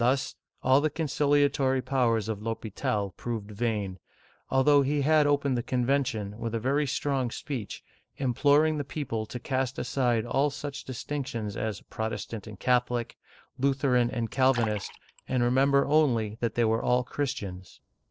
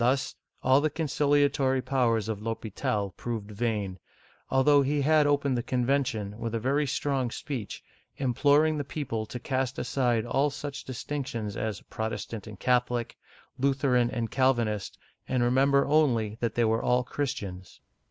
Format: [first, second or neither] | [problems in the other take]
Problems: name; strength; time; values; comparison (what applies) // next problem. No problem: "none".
second | noise reduction (neural separator model SepFormer DNS4)